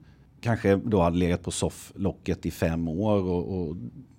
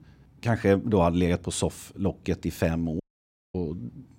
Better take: first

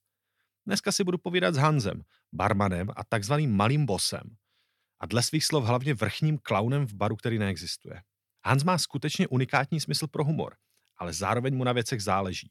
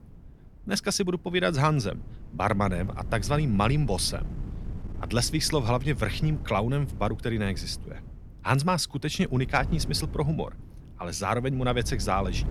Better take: first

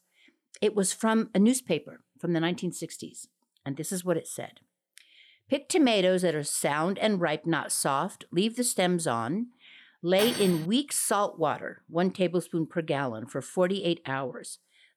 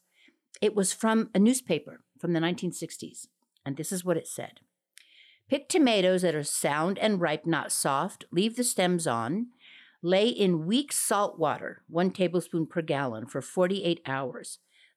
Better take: second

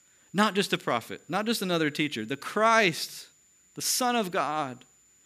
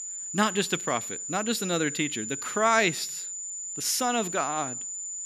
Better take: first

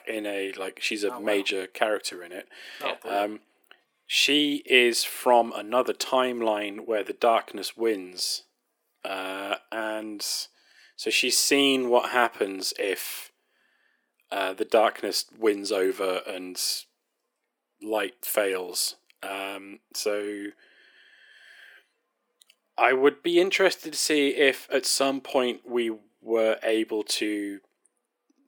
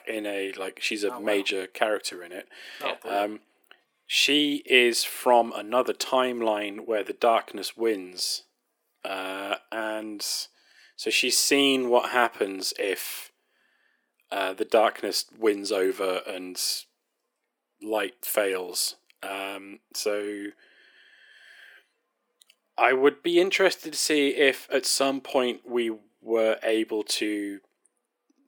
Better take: neither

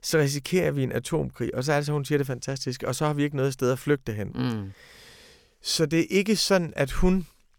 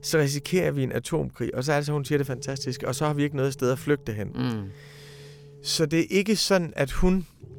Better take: first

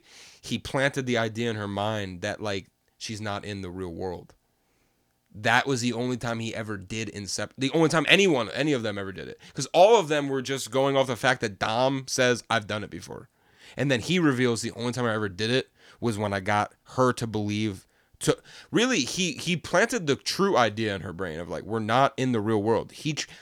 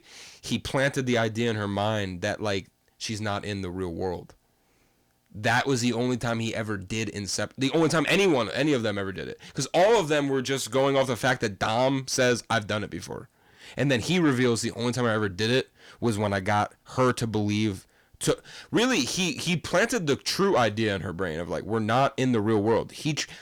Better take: first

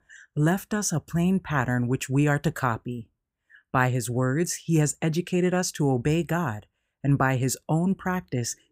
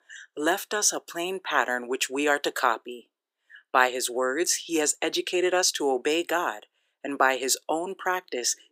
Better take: first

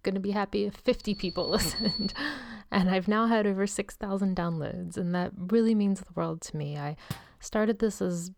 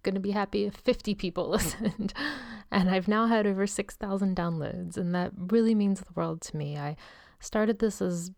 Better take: second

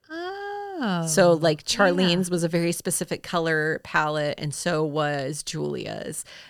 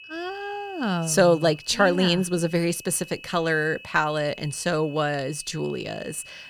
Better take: first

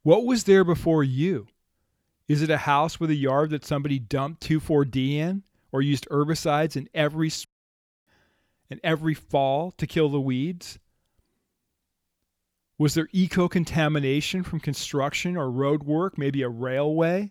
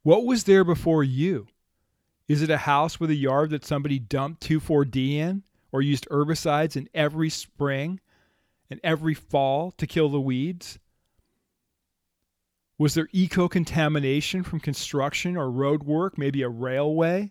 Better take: second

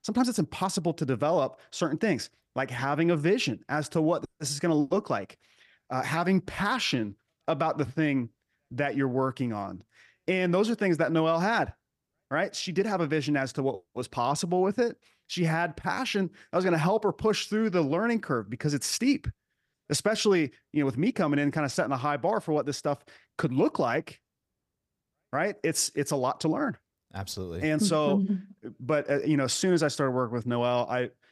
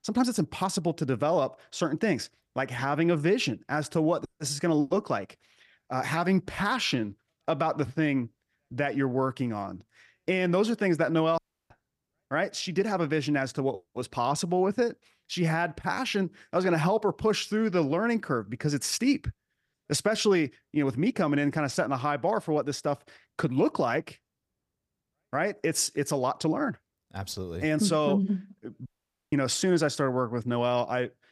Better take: first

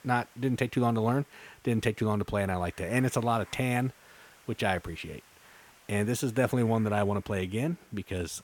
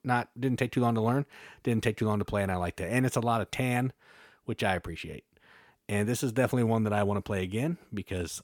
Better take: second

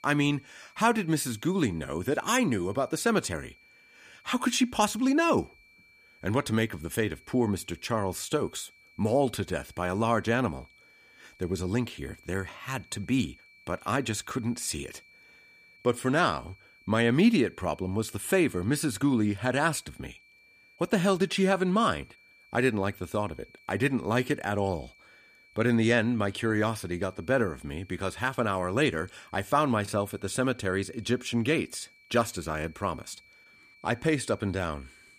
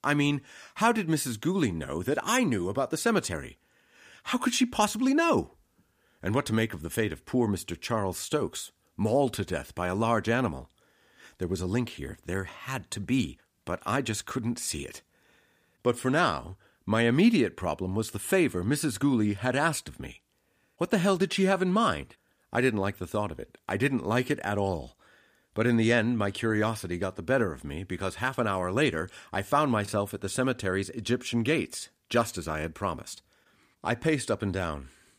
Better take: second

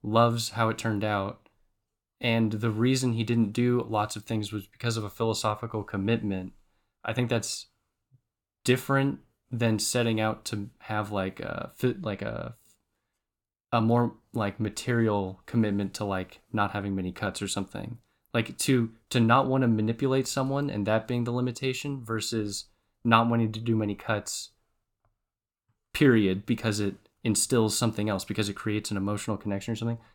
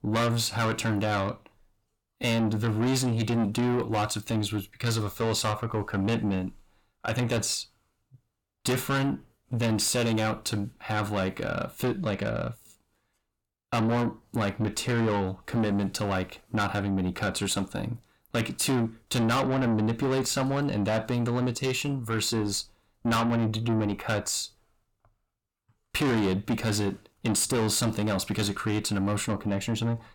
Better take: first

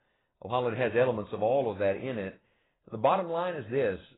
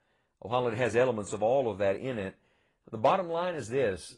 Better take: second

